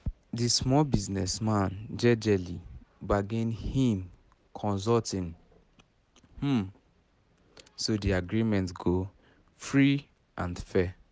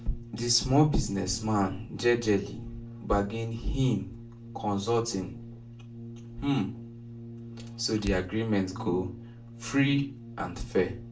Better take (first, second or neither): first